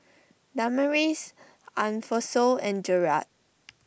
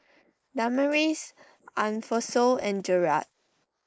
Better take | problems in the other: first | noise reduction (neural mask model Resemble Enhance denoiser)

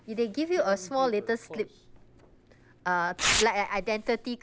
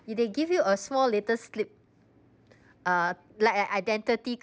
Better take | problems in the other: second | background sound (Tearing); 6 dB below the speech

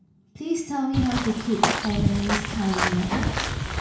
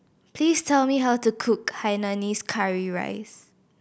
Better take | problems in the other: second | background sound (Walk, footsteps / Bird vocalization, bird call, bird song); 1 dB above the speech // room echo; dies away in 0.6 s

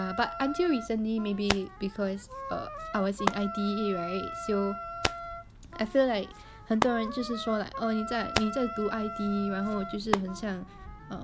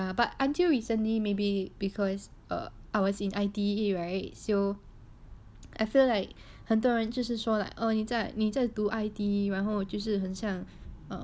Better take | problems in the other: second | background sound (Wind instrument, woodwind instrument + Hands); 6 dB below the speech

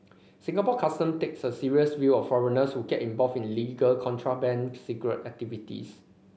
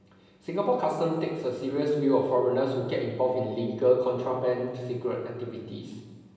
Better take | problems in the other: first | room echo; dies away in 1.3 s

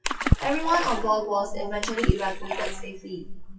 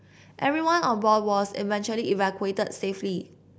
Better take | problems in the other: second | noise reduction (classical method WPE with log-MMSE)

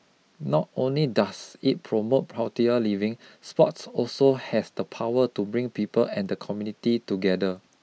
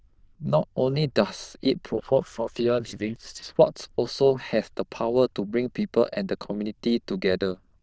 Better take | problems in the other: first | noise reduction (neural diffusion model UNIVERSE++)

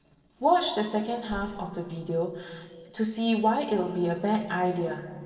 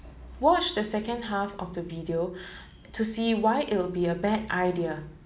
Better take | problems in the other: second | noise reduction (neural separator model SepFormer DNS4)

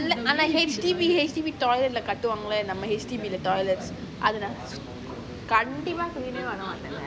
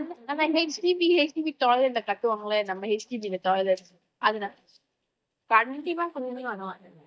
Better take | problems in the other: first | noise reduction (neural mask model DeepFilterNet 3)

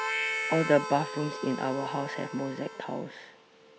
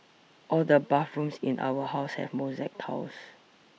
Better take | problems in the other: second | background sound (Harmonica); 5 dB below the speech

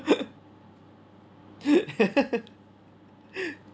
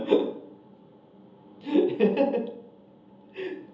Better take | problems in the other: first | room echo; dies away in 0.7 s

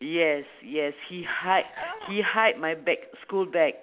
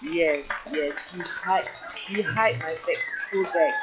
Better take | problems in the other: first | noise reduction (classical method log-MMSE)

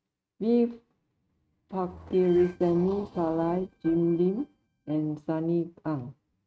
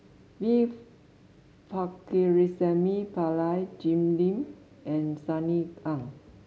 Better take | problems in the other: second | noise reduction (neural mask model RNNoise)

